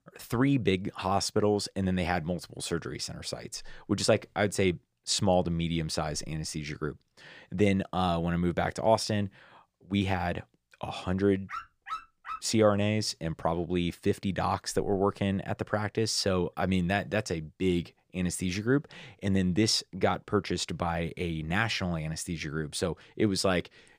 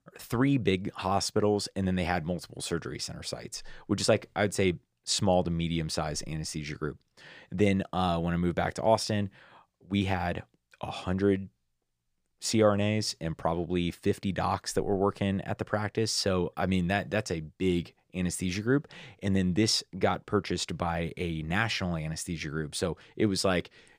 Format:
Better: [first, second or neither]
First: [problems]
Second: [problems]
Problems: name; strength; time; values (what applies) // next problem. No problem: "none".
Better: second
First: dog barking; noticeable; at 12 s; peak 10 dB below the speech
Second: none